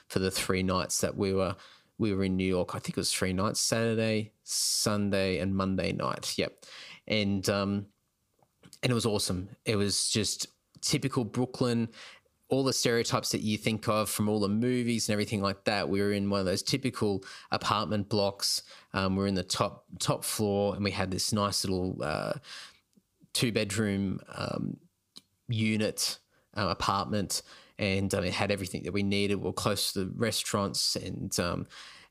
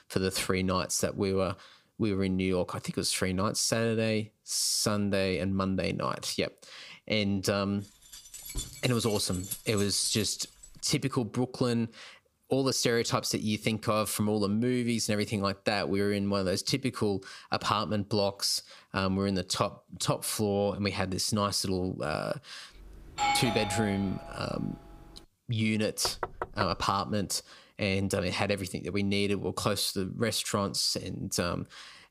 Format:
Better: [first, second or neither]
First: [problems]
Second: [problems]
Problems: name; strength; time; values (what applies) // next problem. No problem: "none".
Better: first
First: none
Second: jangling keys; noticeable; from 8 to 11 s; peak 7 dB below the speech // doorbell; loud; from 23 to 24 s; peak 1 dB above the speech // door banging; noticeable; at 26 s; peak 7 dB below the speech